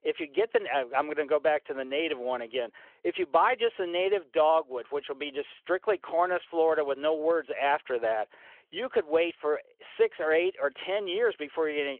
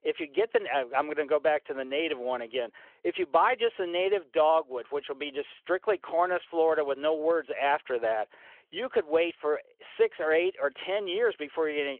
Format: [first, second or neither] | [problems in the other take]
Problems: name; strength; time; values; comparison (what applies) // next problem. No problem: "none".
neither | phone-call audio; the same in both